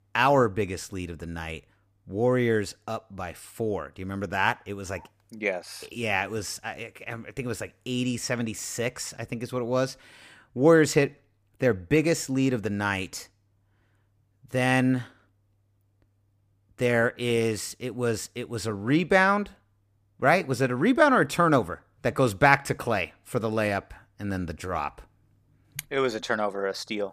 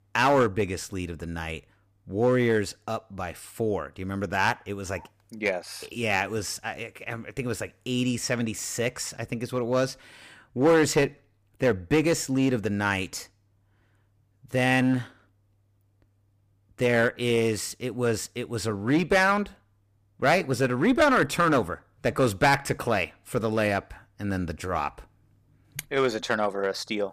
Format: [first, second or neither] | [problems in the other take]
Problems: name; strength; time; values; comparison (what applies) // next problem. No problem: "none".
first | distortion; slight; 3% of the sound clipped